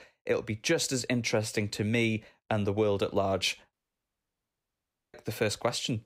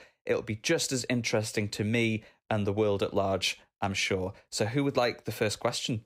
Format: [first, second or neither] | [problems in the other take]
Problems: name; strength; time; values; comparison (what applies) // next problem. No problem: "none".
second | audio cutting out; at 3.5 s for 1.5 s